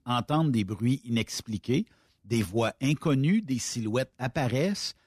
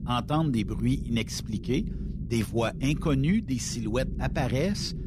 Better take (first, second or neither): first